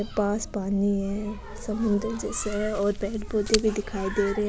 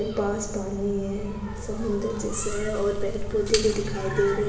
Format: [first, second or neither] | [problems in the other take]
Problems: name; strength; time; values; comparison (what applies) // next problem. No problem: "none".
first | background sound (Idling / Accelerating, revving, vroom / Car); 13 dB below the speech // room echo; dies away in 1.1 s